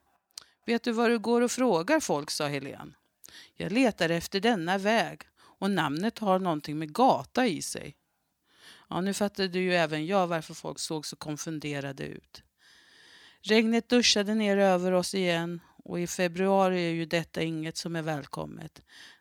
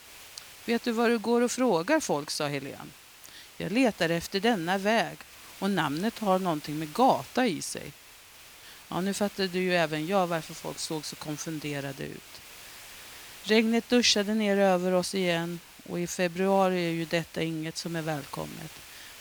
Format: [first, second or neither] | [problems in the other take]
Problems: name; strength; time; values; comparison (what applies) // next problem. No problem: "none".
first | hiss; noticeable; throughout; 20 dB below the speech